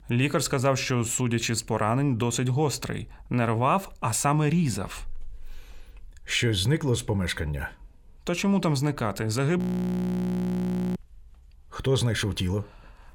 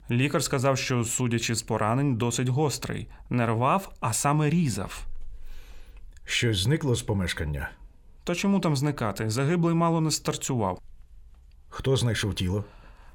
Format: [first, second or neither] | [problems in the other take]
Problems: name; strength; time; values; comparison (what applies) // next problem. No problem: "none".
second | audio freezing; at 9.5 s for 1.5 s